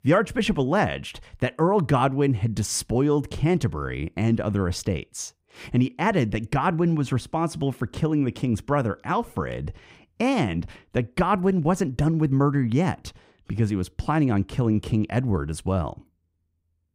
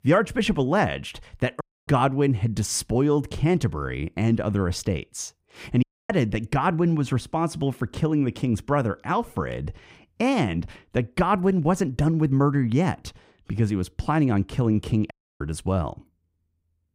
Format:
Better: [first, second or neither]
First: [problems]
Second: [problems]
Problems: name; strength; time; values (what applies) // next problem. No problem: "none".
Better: first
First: none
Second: audio cutting out; at 1.5 s, at 6 s and at 15 s